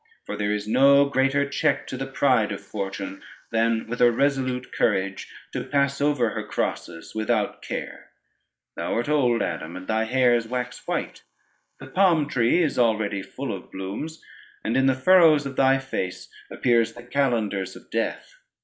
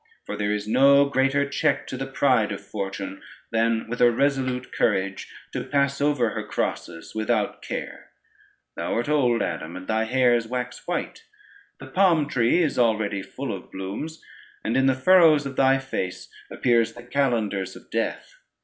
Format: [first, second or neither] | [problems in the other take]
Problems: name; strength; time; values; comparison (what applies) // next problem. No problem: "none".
second | noise reduction (neural mask model Resemble Enhance denoiser)